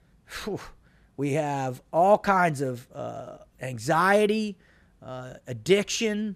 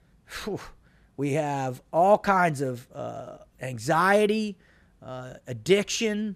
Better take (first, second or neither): neither